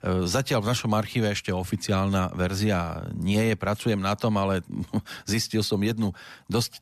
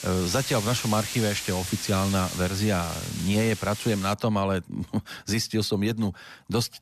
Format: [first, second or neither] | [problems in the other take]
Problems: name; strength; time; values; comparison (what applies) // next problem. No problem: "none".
first | hiss; loud; until 4 s; 7 dB below the speech